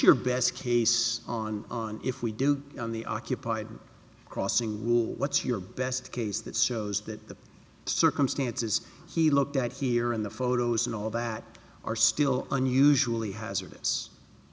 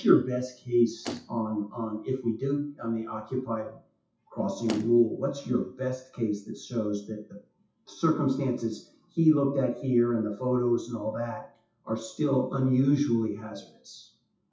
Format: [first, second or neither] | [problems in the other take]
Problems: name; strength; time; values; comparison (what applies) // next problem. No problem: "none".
first | noise reduction (classical method WPE with log-MMSE)